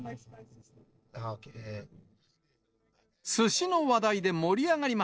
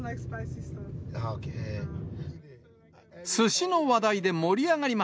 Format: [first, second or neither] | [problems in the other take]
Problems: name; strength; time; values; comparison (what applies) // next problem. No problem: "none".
second | noise reduction (neural separator model SepFormer DNS4)